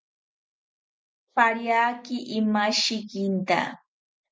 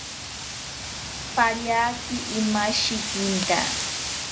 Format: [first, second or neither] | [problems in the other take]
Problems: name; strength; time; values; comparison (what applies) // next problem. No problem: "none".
first | background sound (Wind); 4 dB below the speech